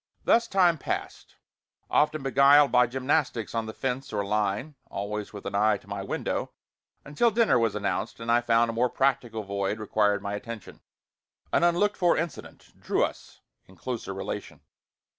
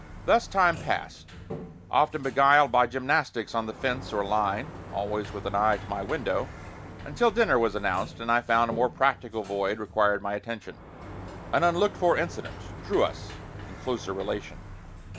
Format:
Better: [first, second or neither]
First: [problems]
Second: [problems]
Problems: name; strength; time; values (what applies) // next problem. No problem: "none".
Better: first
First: none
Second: background sound (Sliding door); 14 dB below the speech